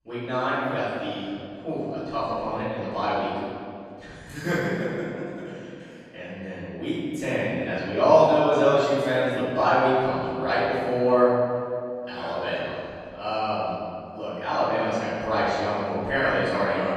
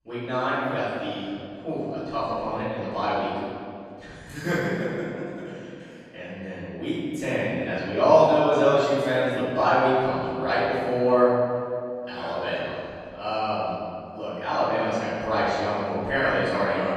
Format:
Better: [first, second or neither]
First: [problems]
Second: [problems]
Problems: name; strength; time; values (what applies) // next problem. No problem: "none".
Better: neither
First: off-mic speech; far // room echo; strong; dies away in 2.3 s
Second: off-mic speech; far // room echo; strong; dies away in 2.3 s